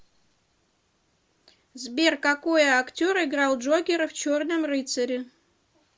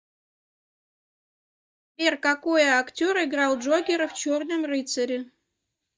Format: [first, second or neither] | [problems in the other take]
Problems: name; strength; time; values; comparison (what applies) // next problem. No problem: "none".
first | noise reduction (neural mask model DeepFilterNet 3)